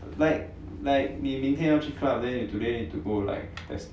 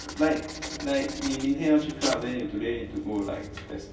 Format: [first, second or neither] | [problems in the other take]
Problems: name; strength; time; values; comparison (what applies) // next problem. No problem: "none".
first | background sound (Writing); 12 dB below the speech // room echo; dies away in 2.5 s